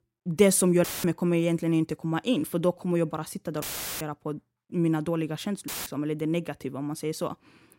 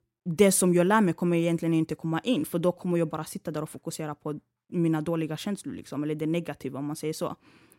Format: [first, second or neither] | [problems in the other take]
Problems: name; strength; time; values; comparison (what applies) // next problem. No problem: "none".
second | audio cutting out; filled with static; at 1 s, at 3.5 s and at 5.5 s